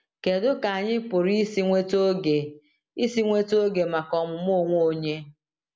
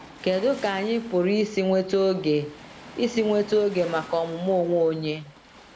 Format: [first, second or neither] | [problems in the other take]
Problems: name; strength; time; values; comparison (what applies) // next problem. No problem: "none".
first | background sound (Waves, surf); 20 dB below the speech